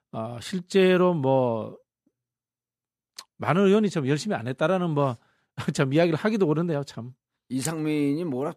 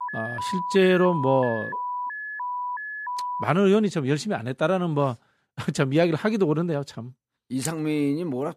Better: first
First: none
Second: alarm; noticeable; until 3.5 s; peak 6 dB below the speech

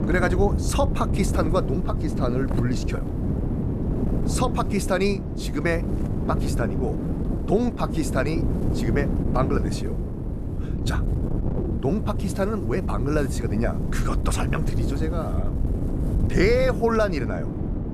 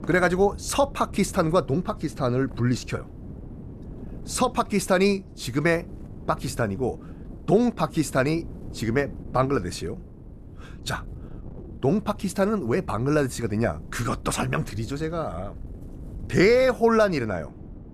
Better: second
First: wind noise on the microphone; heavy; 7 dB below the speech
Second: wind noise on the microphone; occasional gusts; 25 dB below the speech

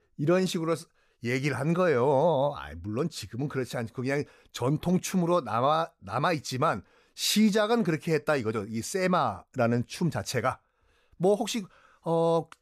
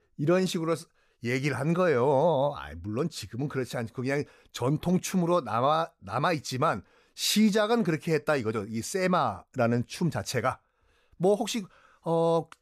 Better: neither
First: none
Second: none

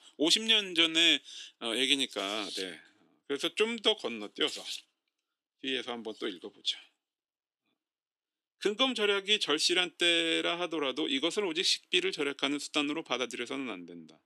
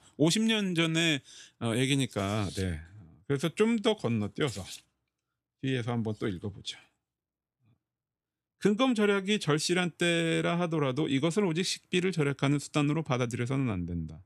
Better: second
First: thin; somewhat; fading below 300 Hz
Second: none

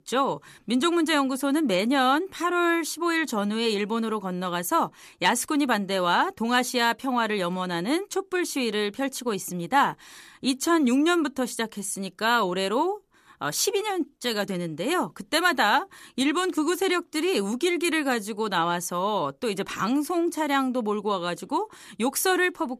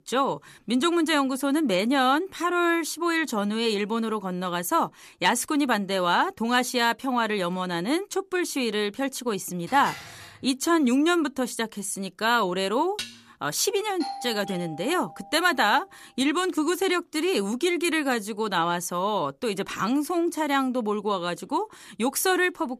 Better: first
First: none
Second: clattering dishes; faint; at 9.5 s and at 13 s; peak 10 dB below the speech // doorbell; noticeable; from 14 to 15 s; peak 10 dB below the speech

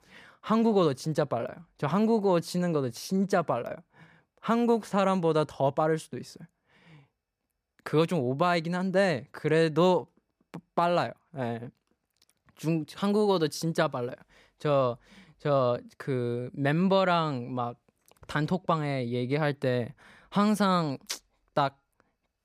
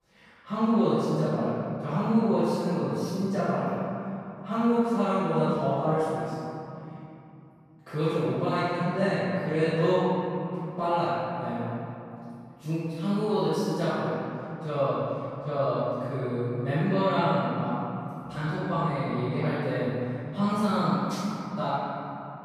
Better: first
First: none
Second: room echo; strong; dies away in 3 s // off-mic speech; far

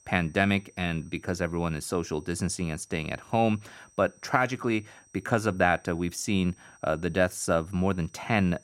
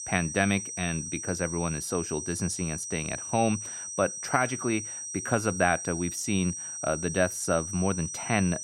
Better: first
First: high-pitched whine; faint; throughout; 6 kHz, 30 dB below the speech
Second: high-pitched whine; loud; throughout; 6 kHz, 5 dB below the speech

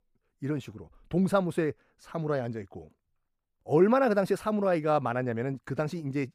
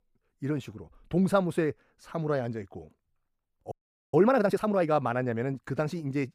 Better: first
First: none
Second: audio freezing; at 3.5 s

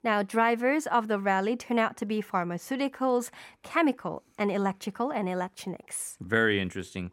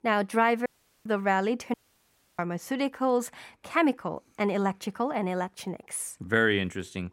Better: first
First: none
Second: audio cutting out; at 0.5 s and at 1.5 s for 0.5 s

